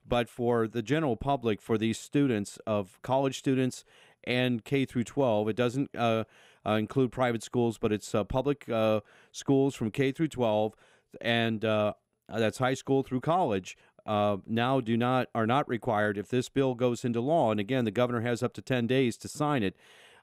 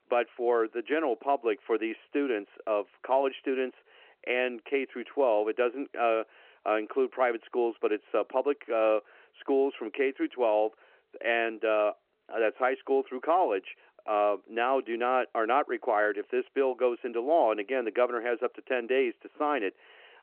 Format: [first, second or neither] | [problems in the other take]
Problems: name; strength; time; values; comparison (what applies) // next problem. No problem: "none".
first | phone-call audio